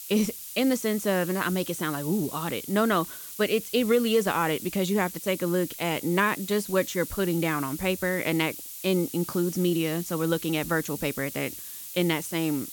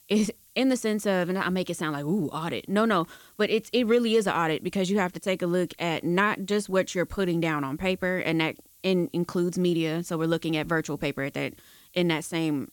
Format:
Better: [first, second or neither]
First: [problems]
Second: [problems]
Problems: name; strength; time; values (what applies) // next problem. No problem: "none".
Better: second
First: hiss; loud; throughout; 10 dB below the speech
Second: hiss; faint; throughout; 30 dB below the speech